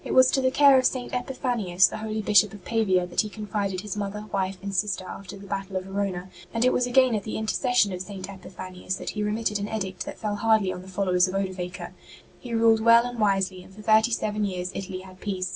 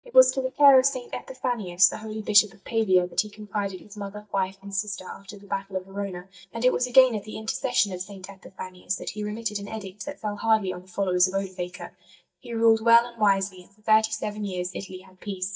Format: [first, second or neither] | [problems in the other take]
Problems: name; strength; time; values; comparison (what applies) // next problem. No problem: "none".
first | noise reduction (neural mask model DeepFilterNet 3)